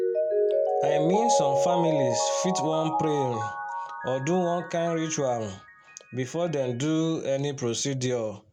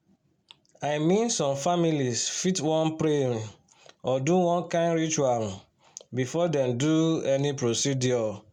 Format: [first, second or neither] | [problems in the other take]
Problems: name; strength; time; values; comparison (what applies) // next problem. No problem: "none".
second | background sound (Mallet percussion); 1 dB below the speech